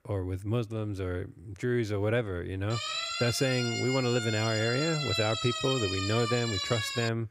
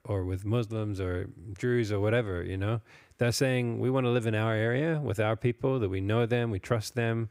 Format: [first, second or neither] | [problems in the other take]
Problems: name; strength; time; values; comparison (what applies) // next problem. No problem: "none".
second | siren; loud; from 2.5 s on; peak level with the speech